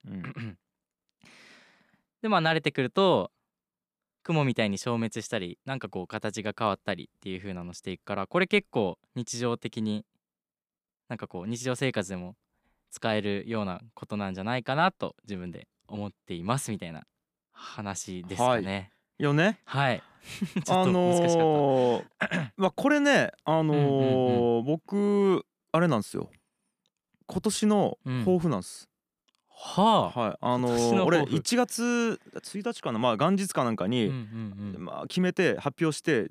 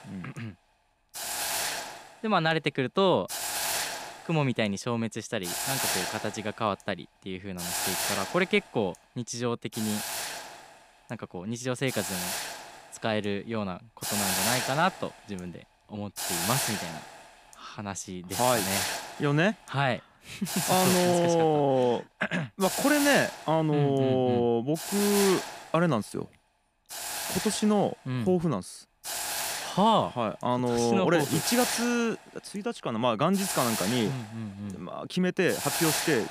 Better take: first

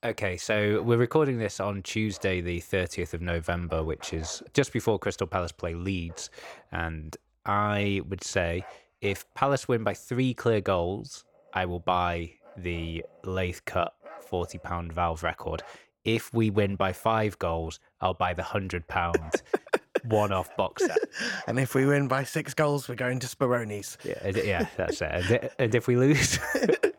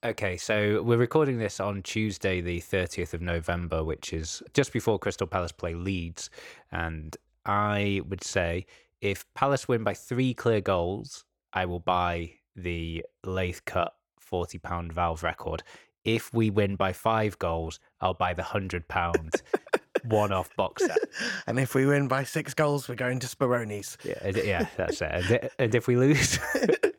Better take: second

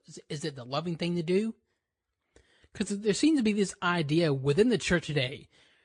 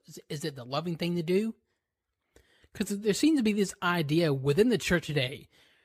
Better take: second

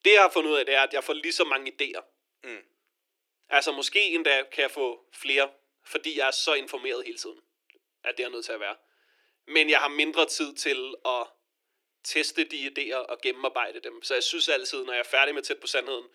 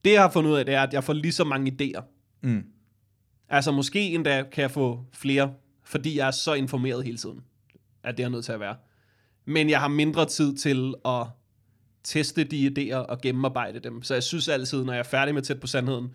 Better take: second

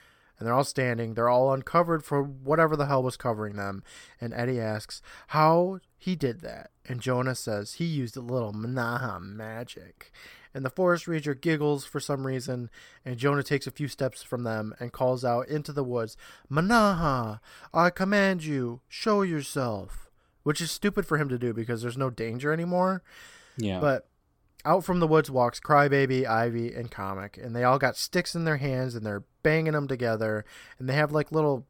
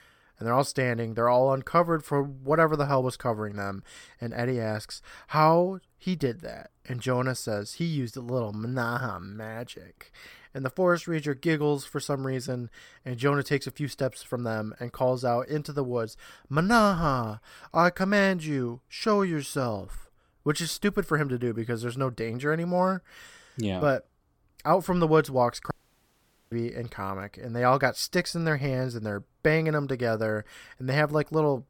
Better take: first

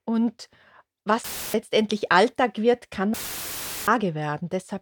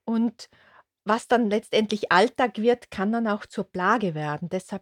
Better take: second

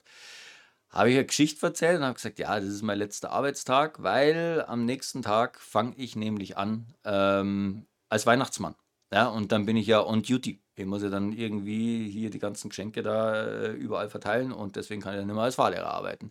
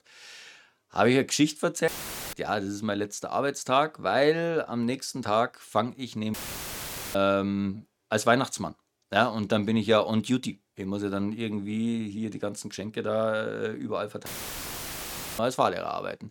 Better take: first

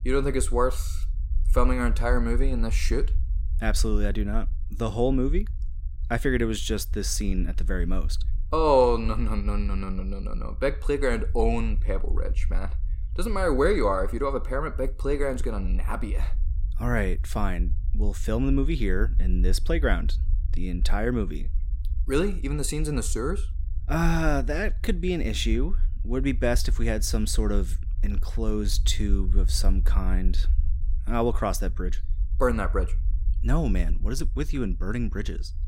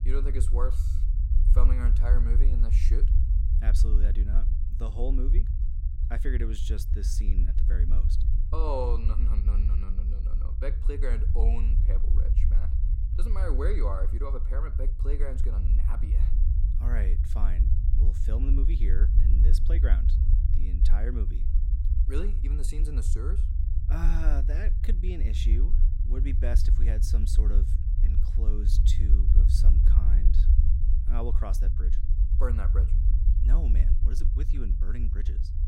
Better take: first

